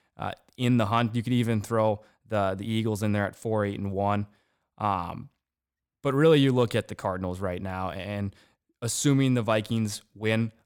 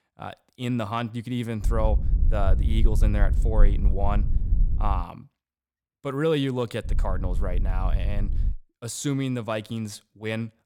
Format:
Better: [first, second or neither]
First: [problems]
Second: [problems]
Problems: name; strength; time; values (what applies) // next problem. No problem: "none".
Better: first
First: none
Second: wind noise on the microphone; occasional gusts; from 1.5 to 5 s and from 7 to 8.5 s; 15 dB below the speech